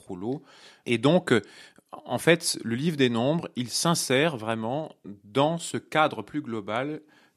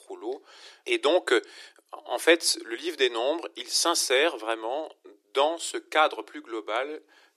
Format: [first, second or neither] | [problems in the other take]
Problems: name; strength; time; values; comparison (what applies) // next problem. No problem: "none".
first | thin; very; fading below 350 Hz